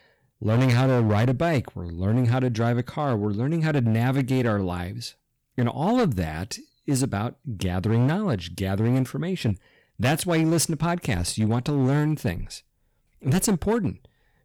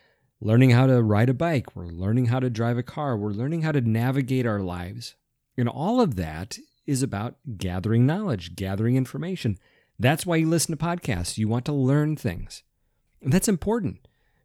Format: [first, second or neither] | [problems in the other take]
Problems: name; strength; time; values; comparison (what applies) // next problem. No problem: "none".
second | distortion; slight; 10% of the sound clipped